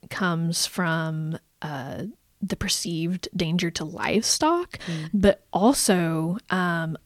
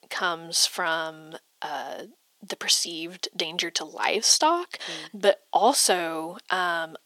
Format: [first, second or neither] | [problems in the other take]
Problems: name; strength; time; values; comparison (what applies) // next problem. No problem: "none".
first | thin; very; fading below 400 Hz